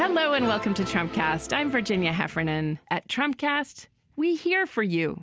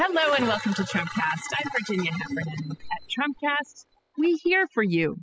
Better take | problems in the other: first | noise reduction (classical method spectral subtraction)

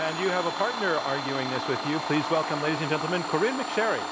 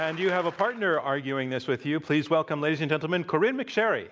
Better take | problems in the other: second | background sound (Domestic sounds, home sounds); 4 dB below the speech

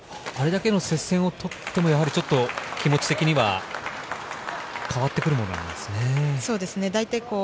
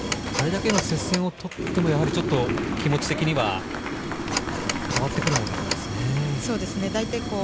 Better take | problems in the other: first | background sound (Fire + Telephone); 2 dB below the speech

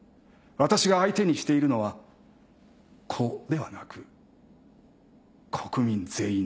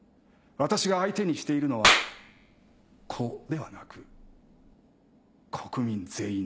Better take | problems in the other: first | background sound (Clapping); 2 dB above the speech

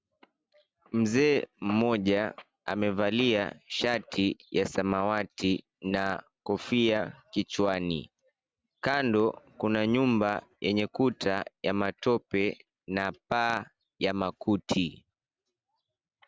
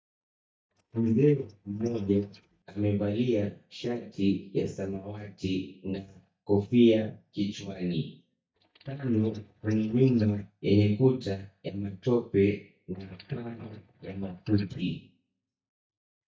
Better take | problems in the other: first | noise reduction (neural mask model DeepFilterNet 3)

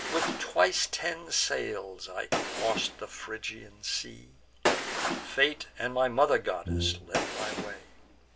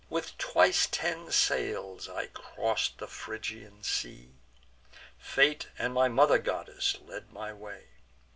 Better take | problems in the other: second | background sound (Brass instrument + Gunshot, gunfire); 4 dB below the speech

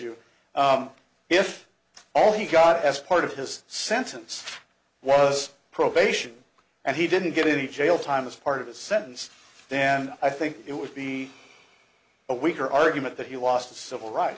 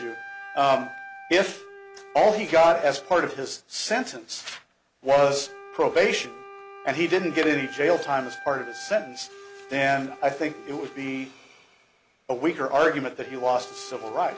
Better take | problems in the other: first | background sound (Wind instrument, woodwind instrument); 18 dB below the speech

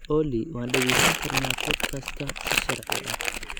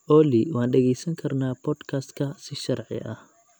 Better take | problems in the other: second | background sound (Crumpling, crinkling); 3 dB above the speech

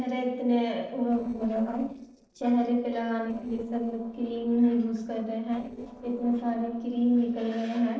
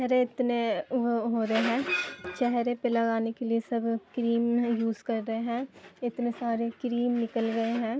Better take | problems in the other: second | noise reduction (neural separator model SepFormer DNS4)

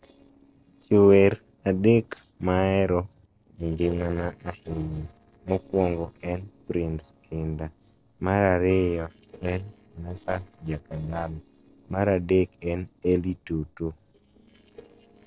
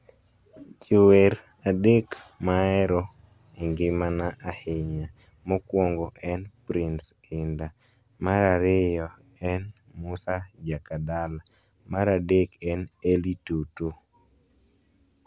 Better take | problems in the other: second | noise reduction (neural separator model SepFormer DNS4)

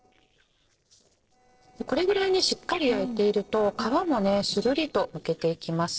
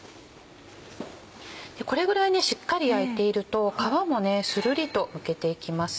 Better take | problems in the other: second | noise reduction (neural separator model SepFormer DNS4)

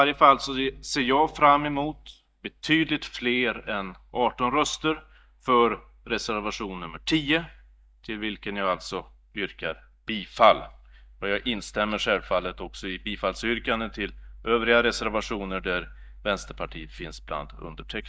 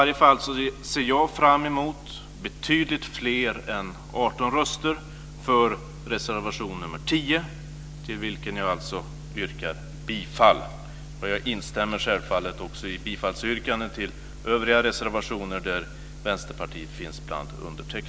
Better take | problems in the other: second | noise reduction (neural mask model DeepFilterNet 3)

